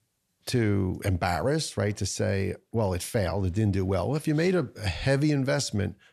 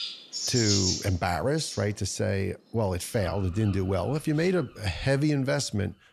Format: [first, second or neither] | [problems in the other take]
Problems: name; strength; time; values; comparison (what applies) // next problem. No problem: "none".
first | animal sounds; loud; throughout; 2 dB below the speech